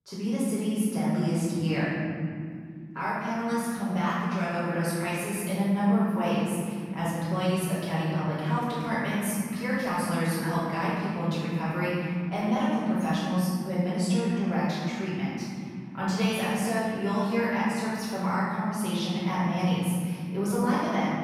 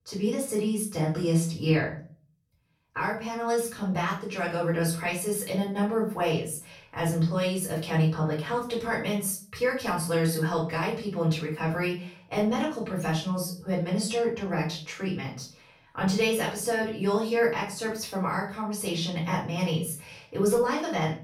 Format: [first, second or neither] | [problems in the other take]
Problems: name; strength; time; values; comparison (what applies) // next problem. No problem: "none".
second | room echo; strong; dies away in 2.7 s; slight in the second // off-mic speech; far; far in the second